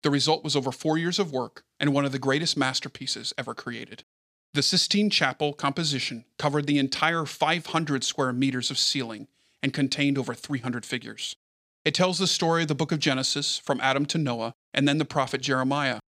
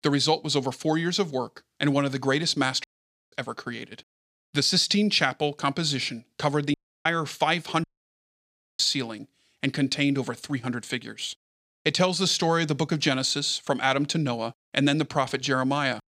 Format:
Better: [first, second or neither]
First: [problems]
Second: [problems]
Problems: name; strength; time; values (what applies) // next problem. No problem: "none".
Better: first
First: none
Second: audio cutting out; at 3 s, at 6.5 s and at 8 s for 1 s